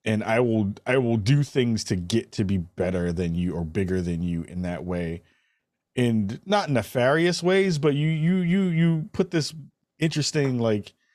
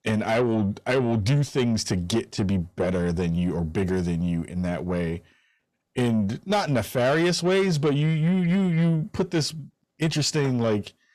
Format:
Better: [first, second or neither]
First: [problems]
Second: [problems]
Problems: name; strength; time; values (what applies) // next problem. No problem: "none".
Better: first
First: none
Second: distortion; slight; 10 dB below the speech